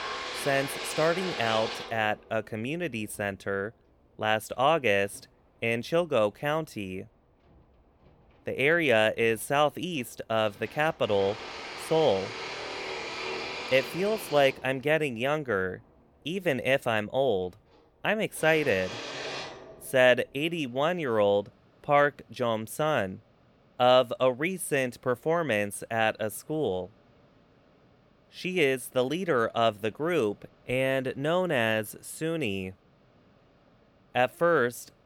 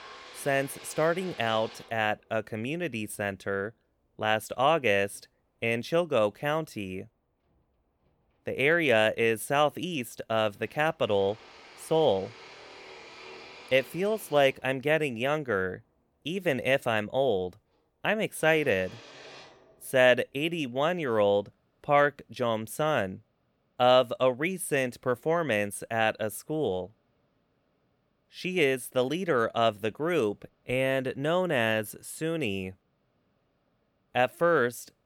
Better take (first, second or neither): second